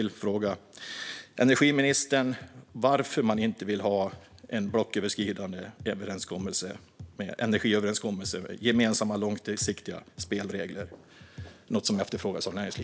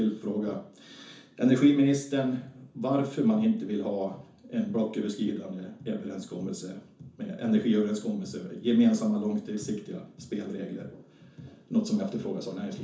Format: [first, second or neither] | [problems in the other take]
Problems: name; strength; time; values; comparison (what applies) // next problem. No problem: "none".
first | room echo; dies away in 0.9 s